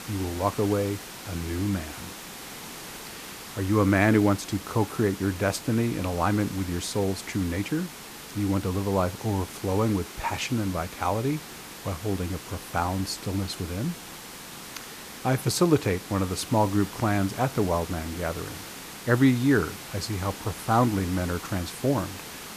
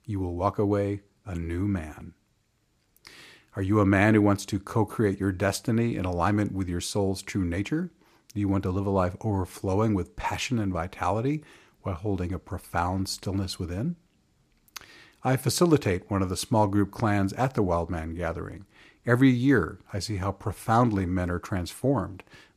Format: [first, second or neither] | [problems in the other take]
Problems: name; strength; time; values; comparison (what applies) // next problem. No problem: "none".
second | hiss; noticeable; throughout; 10 dB below the speech